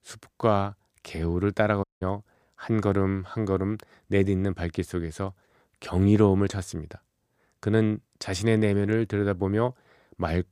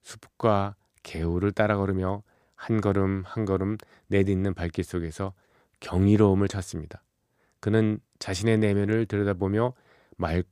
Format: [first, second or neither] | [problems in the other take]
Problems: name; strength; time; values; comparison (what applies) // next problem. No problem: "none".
second | audio cutting out; at 2 s